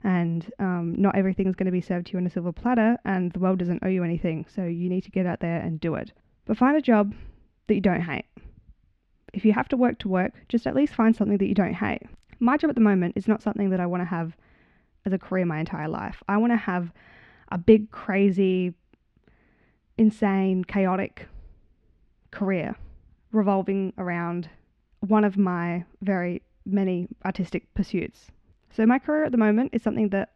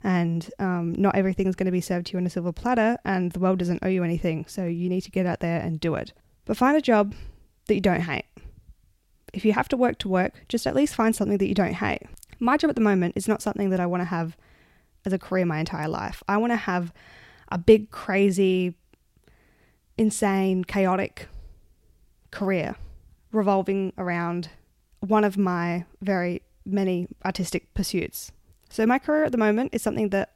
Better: second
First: muffled; slightly; fading above 2.5 kHz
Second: none

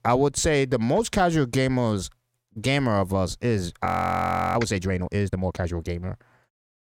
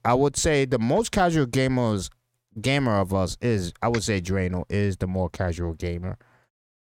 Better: second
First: audio freezing; at 4 s for 0.5 s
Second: none

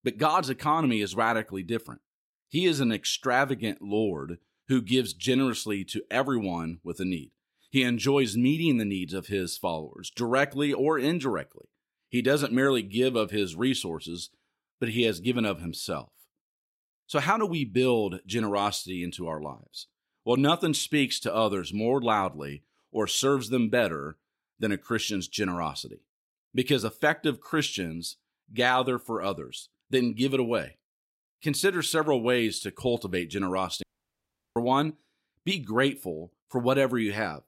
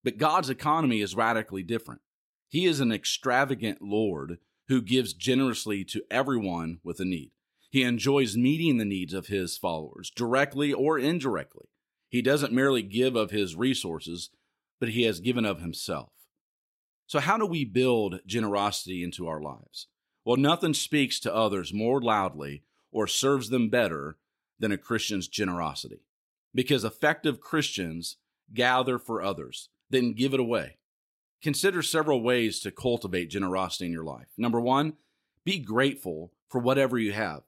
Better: second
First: audio cutting out; at 34 s for 0.5 s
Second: none

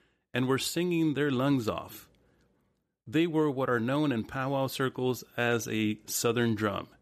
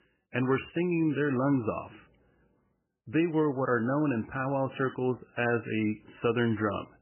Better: first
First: none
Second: garbled, watery; badly; nothing above 3 kHz

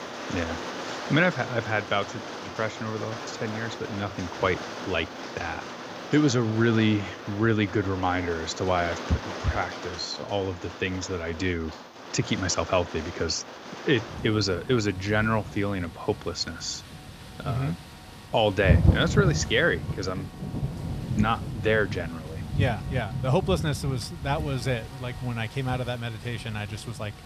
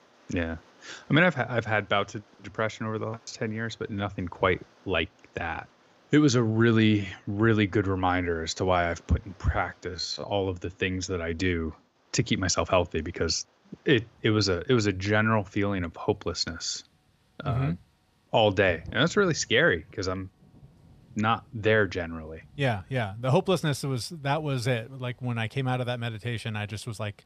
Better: second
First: rain or running water; loud; throughout; 6 dB below the speech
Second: rain or running water; faint; throughout; 30 dB below the speech

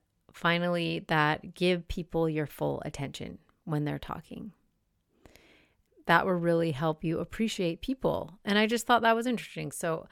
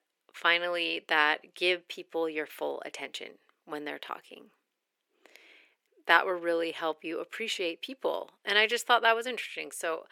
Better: first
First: none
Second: thin; very; fading below 350 Hz

